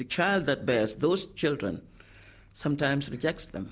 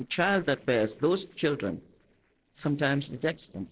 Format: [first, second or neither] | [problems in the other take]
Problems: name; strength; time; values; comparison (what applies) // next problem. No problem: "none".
first | noise reduction (neural separator model SepFormer DNS4)